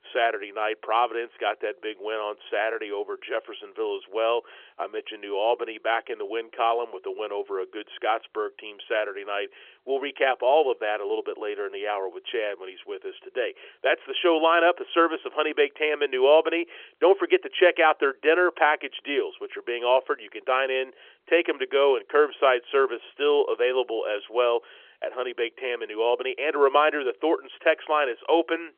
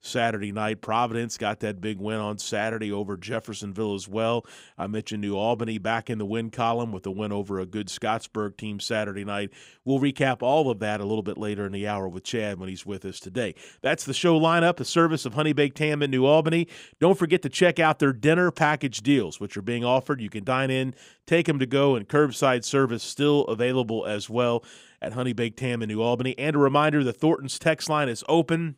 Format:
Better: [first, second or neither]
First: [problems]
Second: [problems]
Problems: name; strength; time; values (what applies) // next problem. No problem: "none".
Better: second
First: phone-call audio; nothing above 3.5 kHz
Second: none